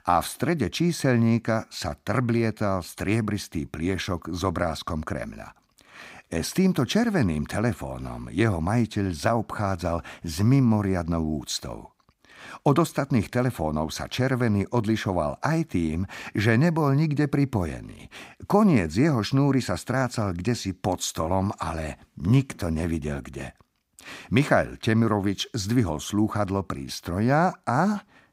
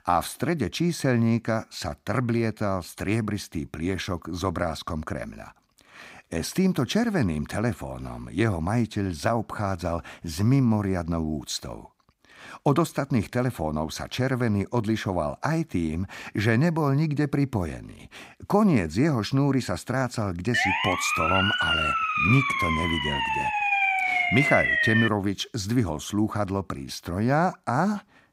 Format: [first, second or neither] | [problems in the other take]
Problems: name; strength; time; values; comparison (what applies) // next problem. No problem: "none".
first | siren; loud; from 21 to 25 s; peak 5 dB above the speech